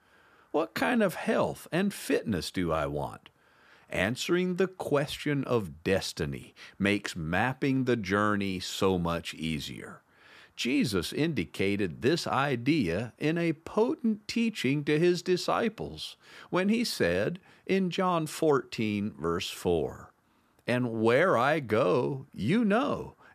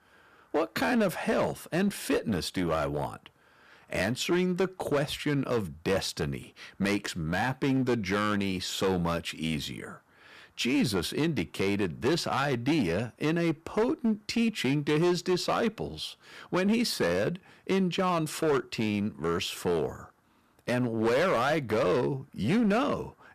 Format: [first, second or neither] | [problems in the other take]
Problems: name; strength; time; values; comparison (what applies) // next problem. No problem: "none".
first | distortion; slight; 9% of the sound clipped